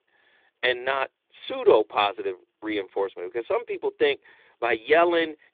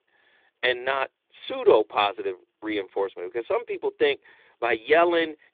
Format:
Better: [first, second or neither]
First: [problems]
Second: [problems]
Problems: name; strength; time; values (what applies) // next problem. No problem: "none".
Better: neither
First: phone-call audio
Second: phone-call audio